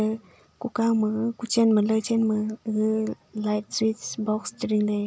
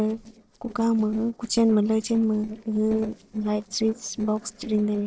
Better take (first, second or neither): first